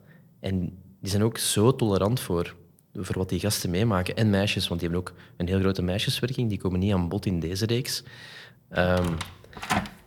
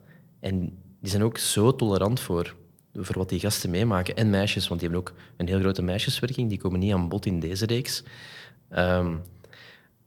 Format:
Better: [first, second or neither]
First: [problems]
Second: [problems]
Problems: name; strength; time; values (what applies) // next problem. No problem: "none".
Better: second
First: door banging; noticeable; from 9 s on; peak 2 dB below the speech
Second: none